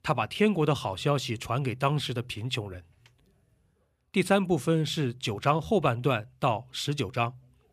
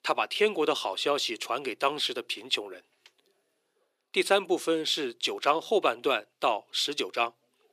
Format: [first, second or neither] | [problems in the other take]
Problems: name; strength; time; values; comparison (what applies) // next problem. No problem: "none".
first | thin; very; fading below 350 Hz